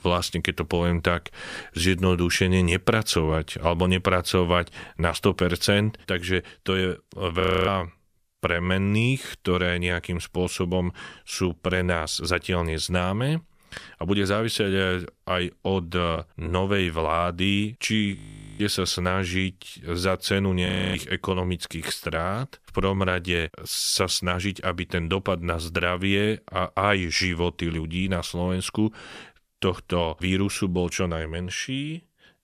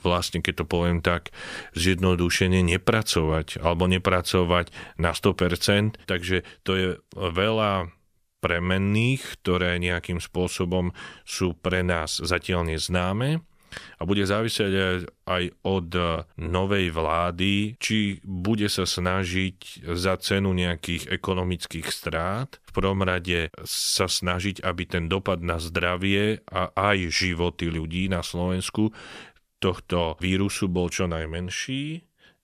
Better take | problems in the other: second | audio freezing; at 7.5 s, at 18 s and at 21 s

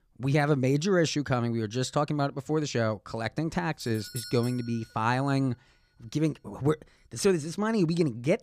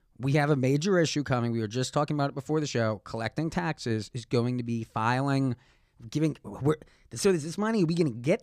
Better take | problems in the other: second | doorbell; faint; from 4 to 5 s; peak 10 dB below the speech

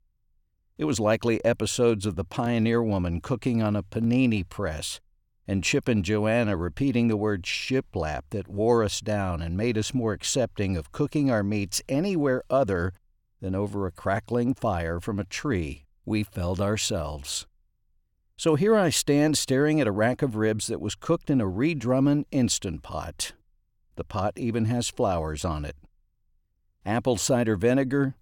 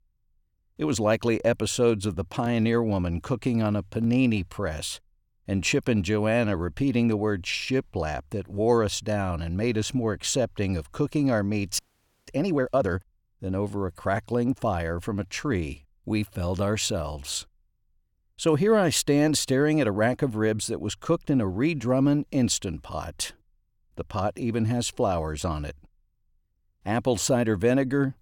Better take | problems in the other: first | audio freezing; at 12 s

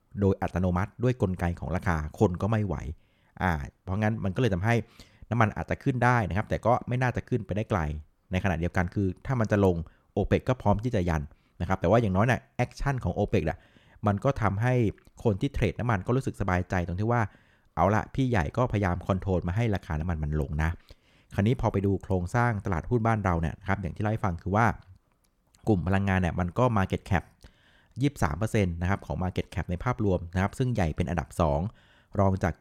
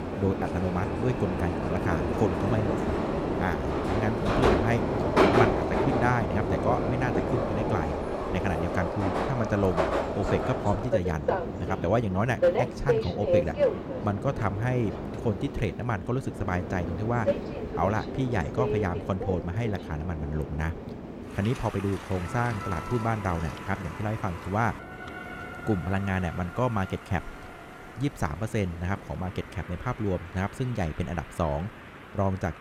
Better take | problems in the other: first | train or aircraft noise; very loud; throughout; as loud as the speech

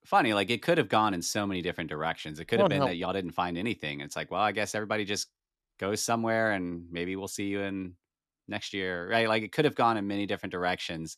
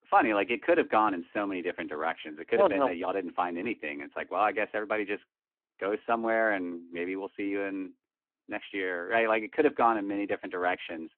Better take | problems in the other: first | phone-call audio

